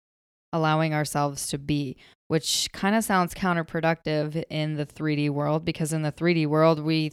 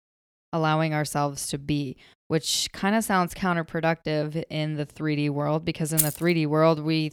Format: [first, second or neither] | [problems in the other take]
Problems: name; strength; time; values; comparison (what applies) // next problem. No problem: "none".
first | jangling keys; loud; at 6 s; peak 1 dB above the speech